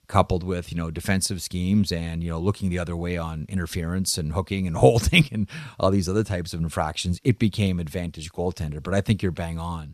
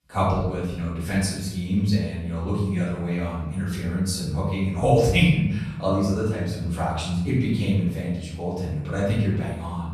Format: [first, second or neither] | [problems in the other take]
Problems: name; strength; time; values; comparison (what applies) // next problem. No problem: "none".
first | off-mic speech; far // room echo; noticeable; dies away in 0.9 s